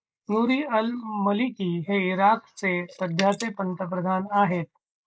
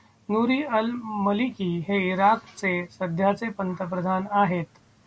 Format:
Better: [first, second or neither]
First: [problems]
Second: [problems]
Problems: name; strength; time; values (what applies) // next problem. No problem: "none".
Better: second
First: noise reduction (neural mask model Resemble Enhance denoiser)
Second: none